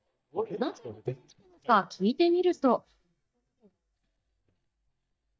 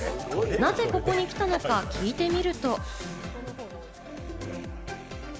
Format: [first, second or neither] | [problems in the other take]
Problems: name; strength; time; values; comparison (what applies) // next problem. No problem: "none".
second | noise reduction (neural mask model DeepFilterNet 3)